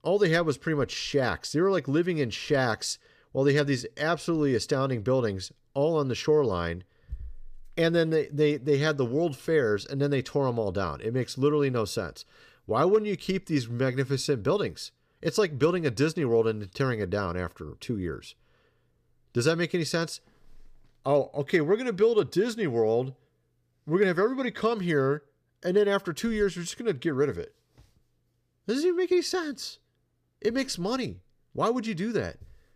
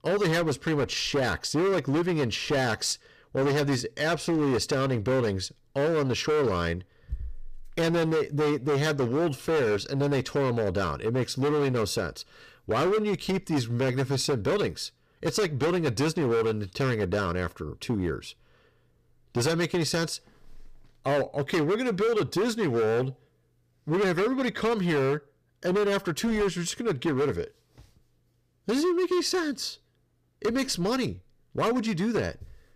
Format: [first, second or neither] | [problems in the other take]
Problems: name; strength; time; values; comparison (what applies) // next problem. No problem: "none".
first | distortion; heavy; 17% of the sound clipped